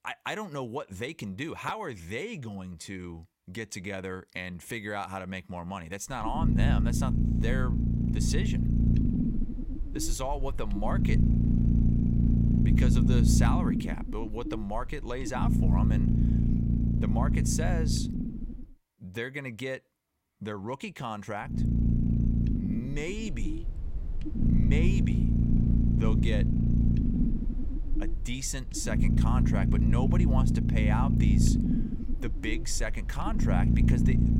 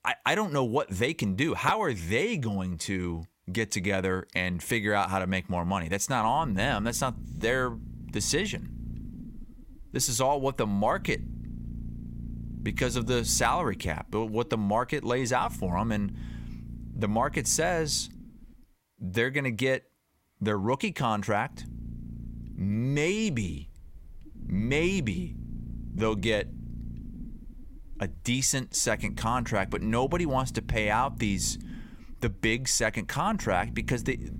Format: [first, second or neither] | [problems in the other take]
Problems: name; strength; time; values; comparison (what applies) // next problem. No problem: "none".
second | low rumble; loud; from 6 to 19 s and from 22 s on; 1 dB below the speech; faint in the second